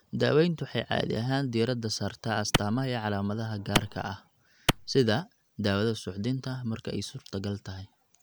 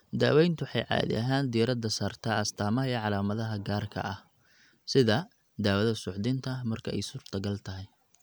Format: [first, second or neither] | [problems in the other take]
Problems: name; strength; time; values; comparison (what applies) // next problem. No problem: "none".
second | background sound (Clapping); 2 dB above the speech